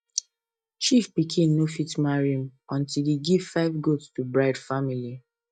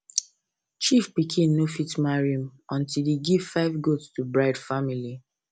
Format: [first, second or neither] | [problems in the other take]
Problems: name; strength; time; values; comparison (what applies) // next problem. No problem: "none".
second | noise reduction (neural mask model DeepFilterNet 3)